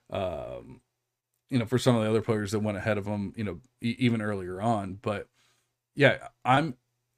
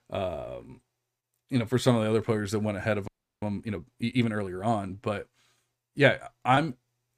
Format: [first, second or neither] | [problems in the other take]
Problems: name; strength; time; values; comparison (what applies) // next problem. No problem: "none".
first | audio freezing; at 3 s